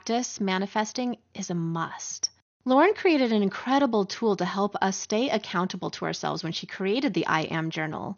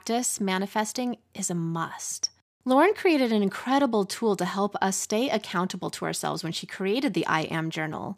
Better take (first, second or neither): second